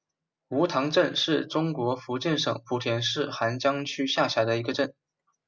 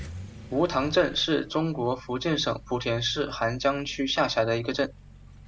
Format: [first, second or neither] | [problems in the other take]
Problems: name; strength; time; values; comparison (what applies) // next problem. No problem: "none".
first | background sound (Accelerating, revving, vroom); 17 dB below the speech